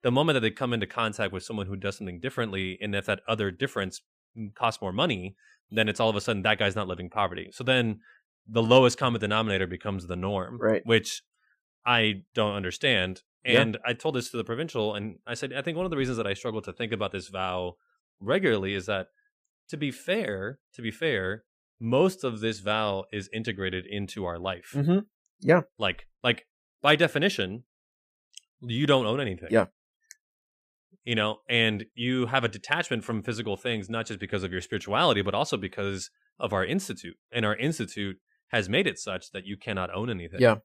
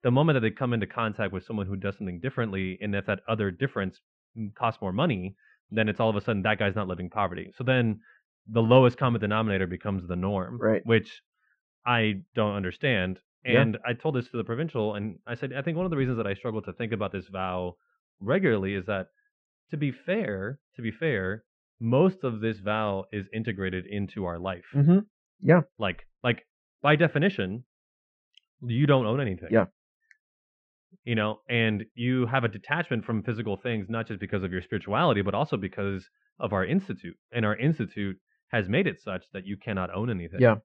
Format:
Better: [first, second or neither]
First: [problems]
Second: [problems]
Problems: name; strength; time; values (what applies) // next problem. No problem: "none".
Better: first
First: none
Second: muffled; very; fading above 2.5 kHz